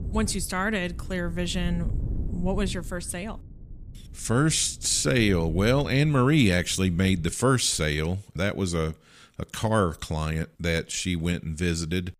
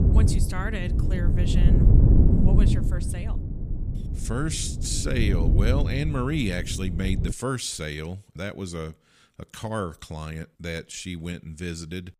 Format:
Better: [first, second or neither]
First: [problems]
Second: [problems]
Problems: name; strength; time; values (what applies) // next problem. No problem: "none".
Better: first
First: wind noise on the microphone; occasional gusts; until 7.5 s; 25 dB below the speech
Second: wind noise on the microphone; heavy; until 7.5 s; 4 dB below the speech